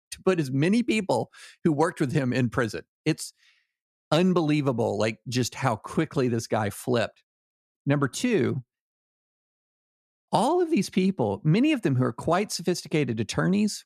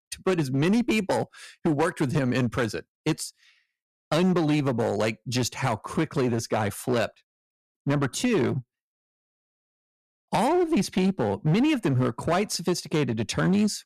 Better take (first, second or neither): first